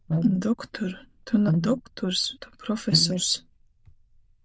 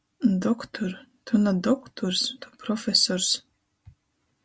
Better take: second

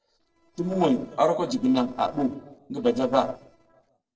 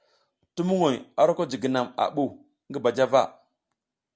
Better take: second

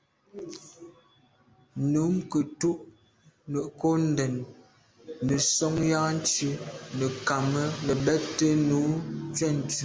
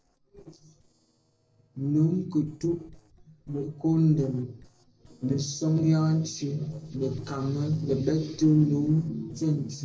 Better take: first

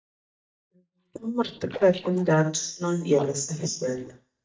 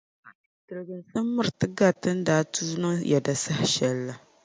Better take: second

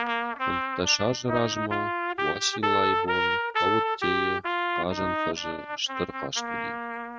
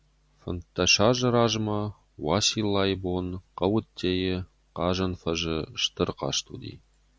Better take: second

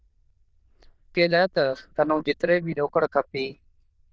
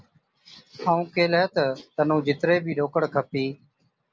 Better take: second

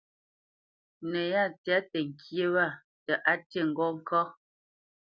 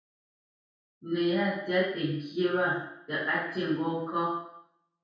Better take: first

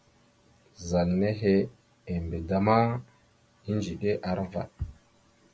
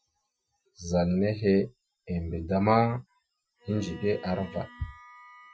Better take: first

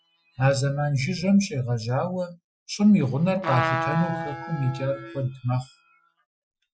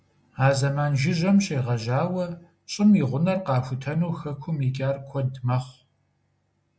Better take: second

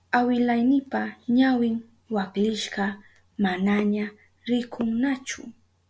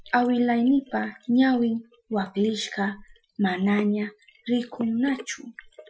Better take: first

